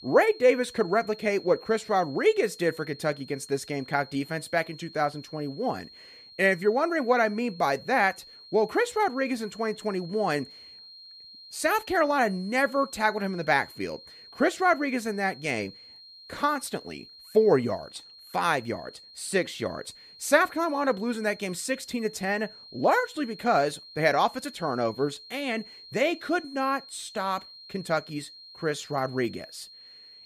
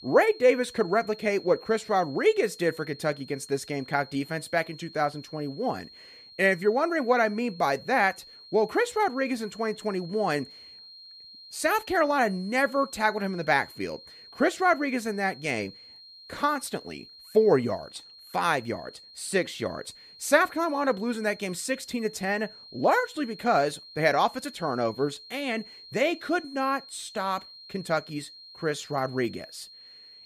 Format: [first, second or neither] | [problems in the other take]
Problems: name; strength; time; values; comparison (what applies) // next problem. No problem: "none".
neither | high-pitched whine; noticeable; throughout; 4 kHz, 20 dB below the speech; the same in both